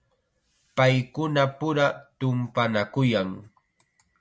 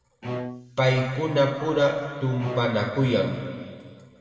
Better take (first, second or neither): first